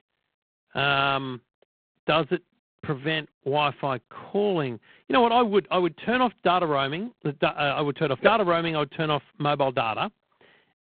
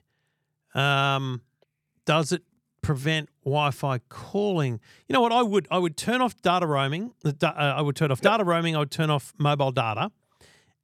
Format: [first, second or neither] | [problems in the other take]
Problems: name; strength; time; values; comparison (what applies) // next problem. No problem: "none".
second | phone-call audio; poor line